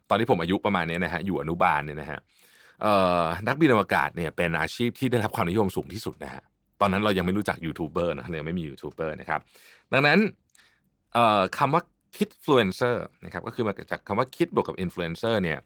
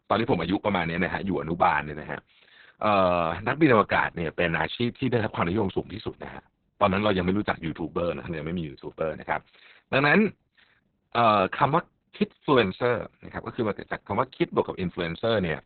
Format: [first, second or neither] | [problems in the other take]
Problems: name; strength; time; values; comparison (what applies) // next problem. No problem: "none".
first | garbled, watery; badly; nothing above 4 kHz; slightly in the first